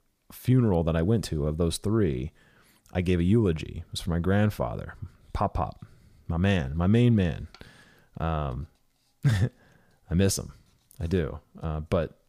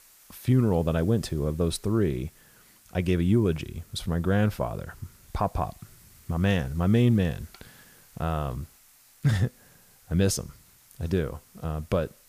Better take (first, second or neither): first